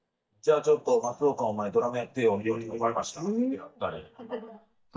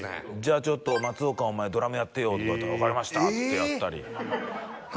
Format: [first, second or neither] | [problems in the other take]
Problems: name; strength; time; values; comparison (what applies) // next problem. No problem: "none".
second | noise reduction (neural mask model DeepFilterNet 3)